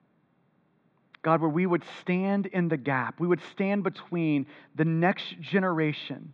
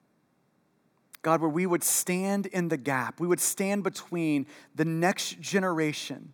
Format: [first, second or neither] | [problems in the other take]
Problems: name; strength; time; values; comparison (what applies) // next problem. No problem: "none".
second | muffled; very; fading above 3.5 kHz